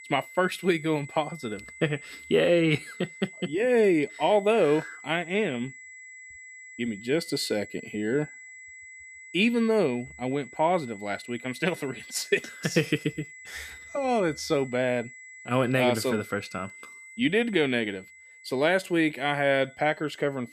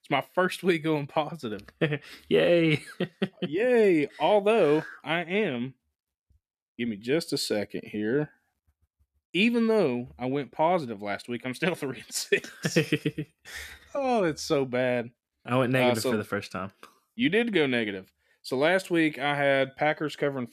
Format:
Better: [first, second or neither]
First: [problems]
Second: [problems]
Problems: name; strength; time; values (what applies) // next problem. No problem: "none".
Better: second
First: high-pitched whine; noticeable; throughout; 2 kHz, 20 dB below the speech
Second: none